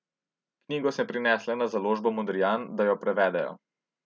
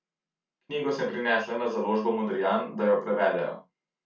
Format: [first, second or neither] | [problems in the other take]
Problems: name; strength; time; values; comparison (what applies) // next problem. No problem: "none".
first | room echo; dies away in 0.2 s